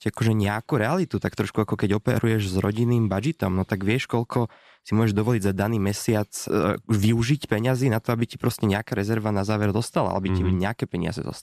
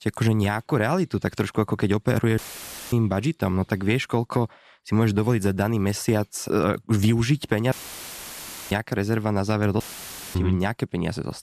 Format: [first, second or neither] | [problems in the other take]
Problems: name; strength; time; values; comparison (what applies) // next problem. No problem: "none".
first | audio cutting out; filled with static; at 2.5 s for 0.5 s, at 7.5 s for 1 s and at 10 s for 0.5 s